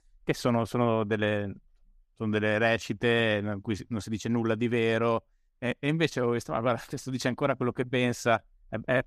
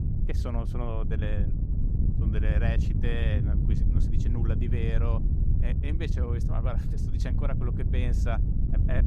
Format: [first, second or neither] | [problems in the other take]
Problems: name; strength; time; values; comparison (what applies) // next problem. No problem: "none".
first | wind noise on the microphone; heavy; 3 dB below the speech